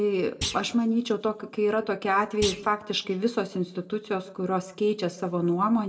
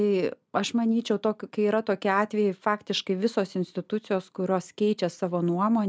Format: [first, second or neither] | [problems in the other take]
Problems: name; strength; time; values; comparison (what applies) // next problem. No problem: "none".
second | background sound (Thump, thud); 12 dB below the speech // room echo; dies away in 0.6 s